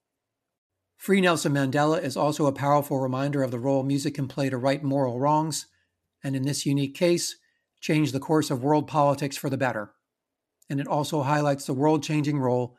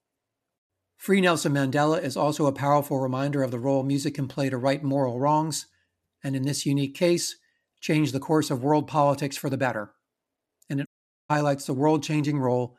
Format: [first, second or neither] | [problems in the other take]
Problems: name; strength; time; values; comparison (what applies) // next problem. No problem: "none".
first | audio cutting out; at 11 s